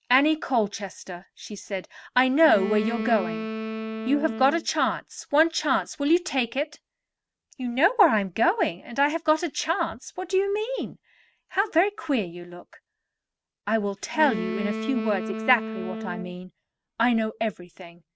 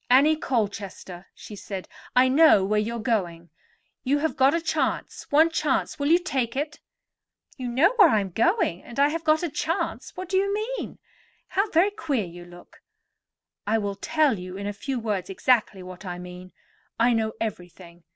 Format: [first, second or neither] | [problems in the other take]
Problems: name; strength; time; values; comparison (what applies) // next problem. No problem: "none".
second | noise reduction (neural mask model RNNoise)